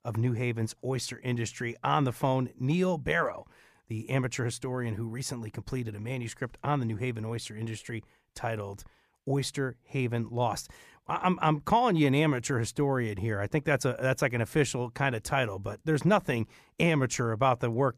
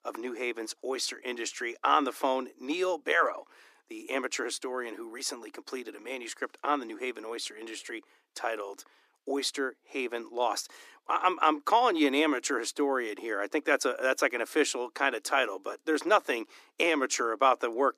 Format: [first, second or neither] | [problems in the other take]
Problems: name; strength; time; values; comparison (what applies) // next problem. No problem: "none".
first | thin; somewhat; fading below 300 Hz